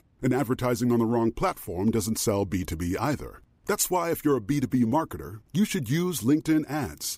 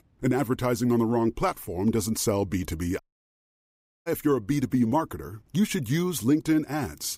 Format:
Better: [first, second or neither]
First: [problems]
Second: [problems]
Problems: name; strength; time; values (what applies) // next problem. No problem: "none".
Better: first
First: none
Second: audio cutting out; at 3 s for 1 s